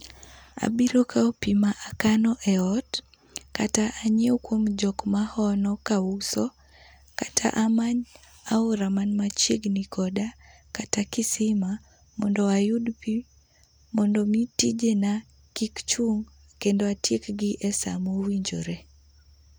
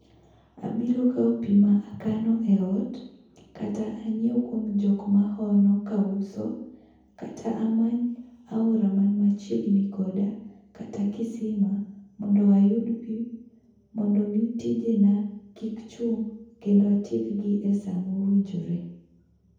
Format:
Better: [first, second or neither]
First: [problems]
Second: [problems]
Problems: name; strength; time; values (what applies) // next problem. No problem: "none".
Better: first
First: none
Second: room echo; dies away in 0.9 s